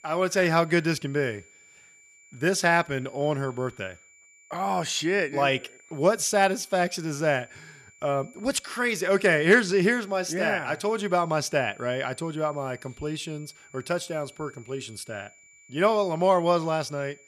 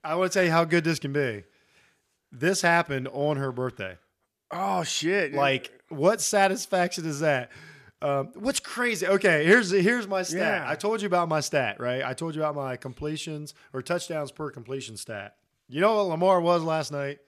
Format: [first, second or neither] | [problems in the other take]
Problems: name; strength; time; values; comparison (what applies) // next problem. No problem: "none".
second | high-pitched whine; faint; throughout; 2.5 kHz, 25 dB below the speech